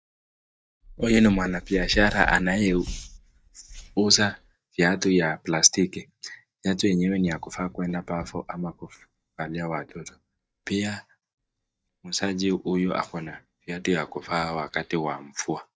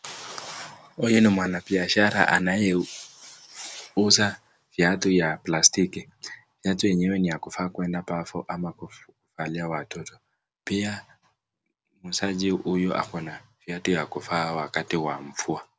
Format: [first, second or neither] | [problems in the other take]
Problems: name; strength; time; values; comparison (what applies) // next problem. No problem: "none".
second | noise reduction (neural mask model DeepFilterNet 3)